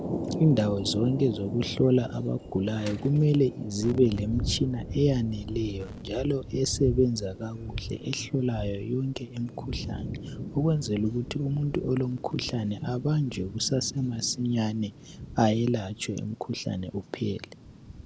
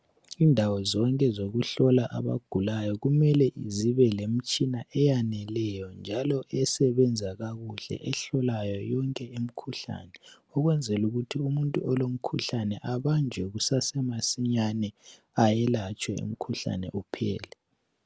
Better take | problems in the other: second | background sound (Thunder); 10 dB below the speech

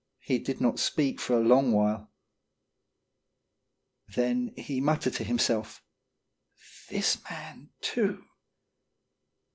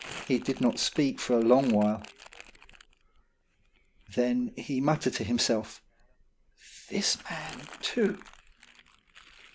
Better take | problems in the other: first | background sound (Crumpling, crinkling); 20 dB below the speech

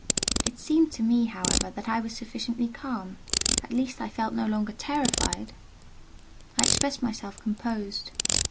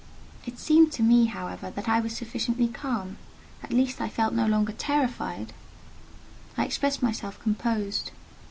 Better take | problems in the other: second | background sound (Ratchet, pawl); 1 dB below the speech

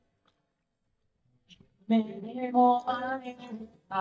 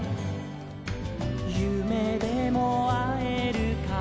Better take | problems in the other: second | noise reduction (neural mask model DeepFilterNet 3)

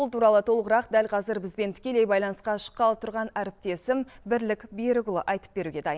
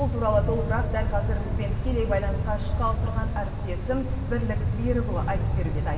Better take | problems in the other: first | background sound (Wind); 4 dB above the speech // room echo; dies away in 2 s

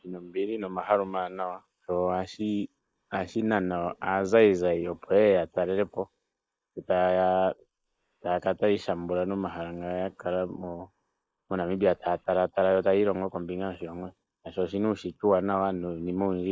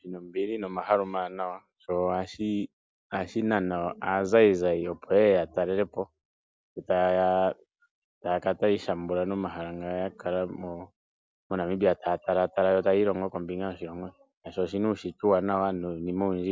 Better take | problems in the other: second | noise reduction (neural mask model Resemble Enhance denoiser)

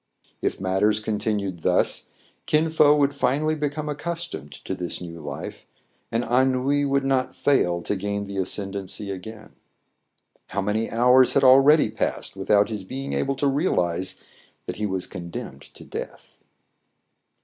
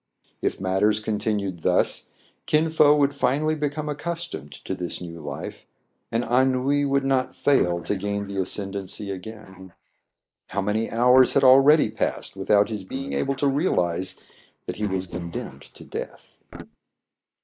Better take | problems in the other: first | noise reduction (neural mask model Resemble Enhance denoiser)

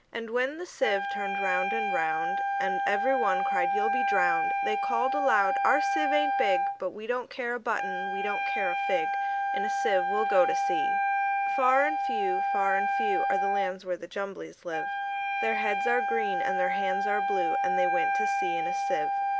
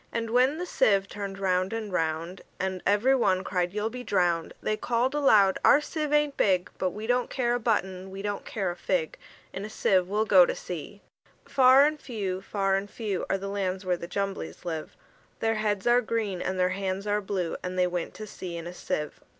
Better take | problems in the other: second | background sound (Wind instrument, woodwind instrument); 3 dB above the speech

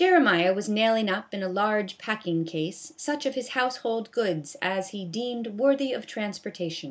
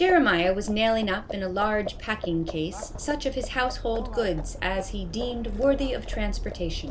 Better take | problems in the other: first | background sound (Livestock, farm animals, working animals); 8 dB below the speech

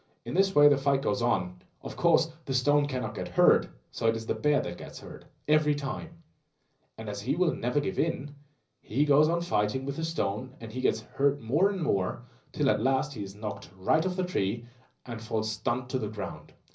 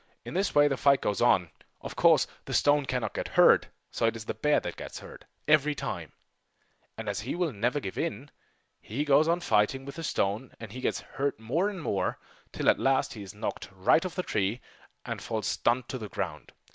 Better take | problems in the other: second | room echo; dies away in 0.5 s

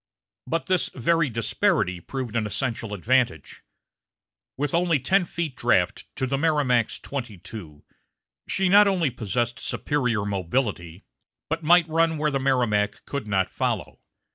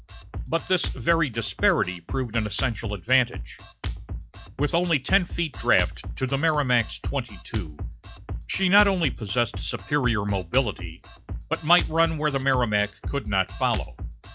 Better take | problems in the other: first | noise reduction (classical method log-MMSE)

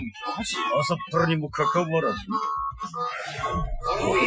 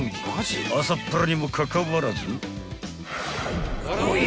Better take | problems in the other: second | noise reduction (classical method Wiener filter)

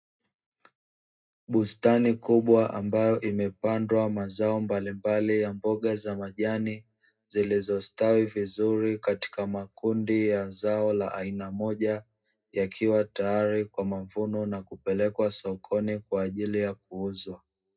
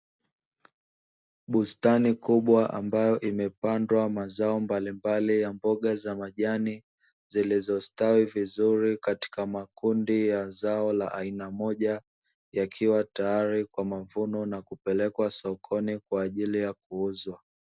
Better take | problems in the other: second | room echo; dies away in 0.2 s

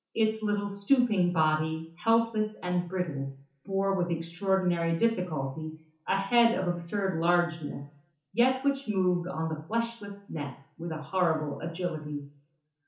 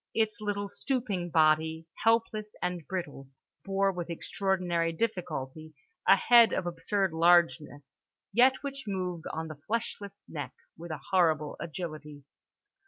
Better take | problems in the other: second | room echo; dies away in 0.9 s

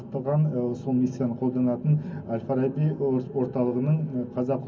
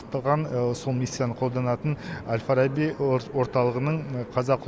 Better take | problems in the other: second | room echo; dies away in 0.3 s

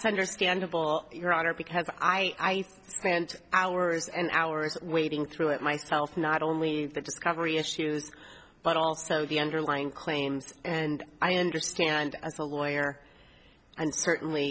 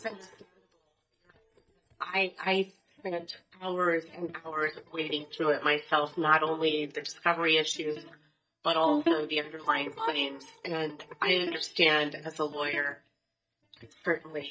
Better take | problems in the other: first | noise reduction (neural mask model DeepFilterNet 3)

